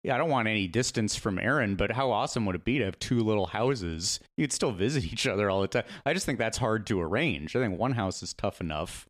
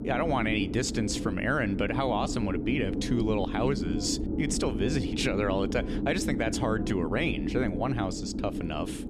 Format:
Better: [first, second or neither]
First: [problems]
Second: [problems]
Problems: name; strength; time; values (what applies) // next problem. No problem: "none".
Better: first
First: none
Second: low rumble; loud; throughout; 7 dB below the speech